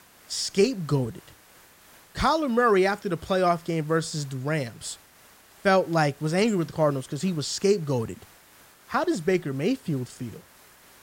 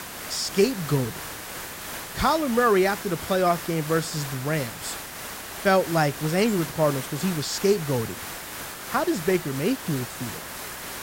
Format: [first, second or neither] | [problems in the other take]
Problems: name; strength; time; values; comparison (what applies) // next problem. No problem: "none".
first | hiss; loud; throughout; 9 dB below the speech; faint in the first